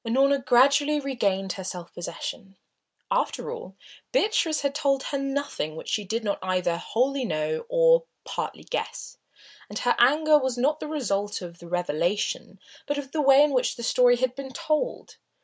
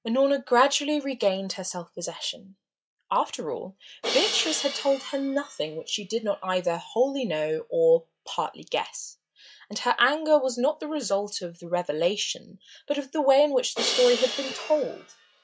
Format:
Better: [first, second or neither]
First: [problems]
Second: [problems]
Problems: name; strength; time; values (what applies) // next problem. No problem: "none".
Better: first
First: none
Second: noise reduction (classical method log-MMSE)